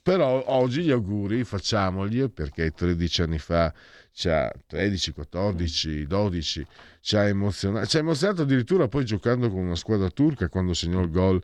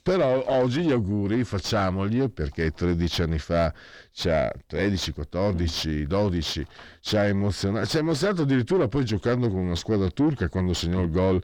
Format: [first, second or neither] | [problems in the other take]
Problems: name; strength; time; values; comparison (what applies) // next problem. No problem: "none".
first | distortion; slight; 9 dB below the speech